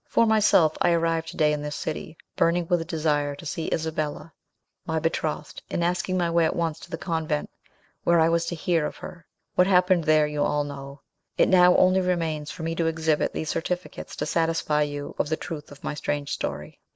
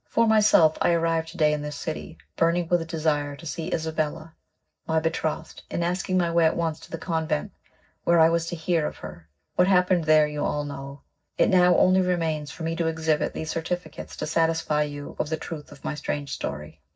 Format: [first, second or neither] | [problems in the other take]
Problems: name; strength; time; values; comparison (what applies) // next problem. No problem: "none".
first | room echo; dies away in 0.4 s